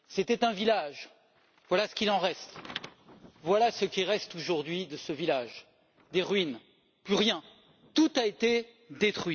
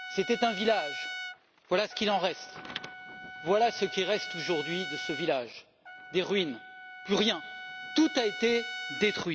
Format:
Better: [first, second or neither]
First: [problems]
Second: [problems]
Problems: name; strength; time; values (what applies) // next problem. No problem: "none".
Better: first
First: none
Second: background sound (Trumpet); 10 dB below the speech